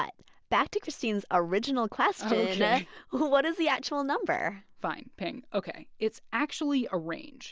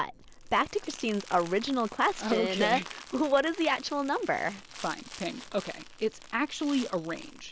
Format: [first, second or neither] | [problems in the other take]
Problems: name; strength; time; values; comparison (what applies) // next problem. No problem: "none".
first | background sound (Crumpling, crinkling); 17 dB below the speech